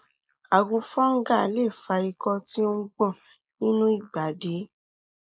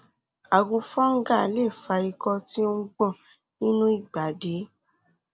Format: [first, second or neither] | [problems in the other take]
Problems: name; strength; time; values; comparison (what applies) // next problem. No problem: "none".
second | noise reduction (neural mask model Resemble Enhance denoiser)